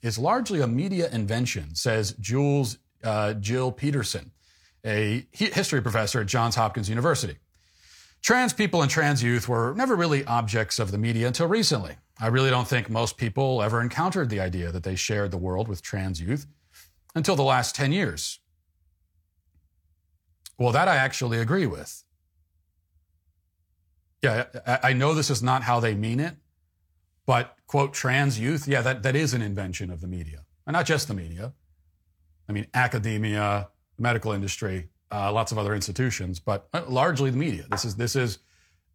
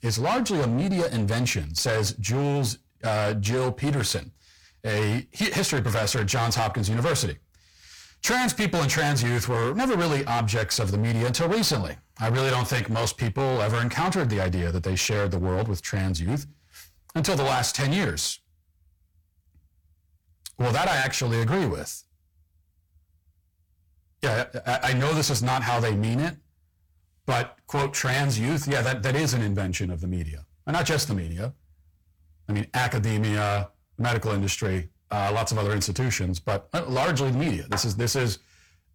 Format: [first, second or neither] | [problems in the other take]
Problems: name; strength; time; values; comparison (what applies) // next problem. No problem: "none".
first | distortion; heavy; 18% of the sound clipped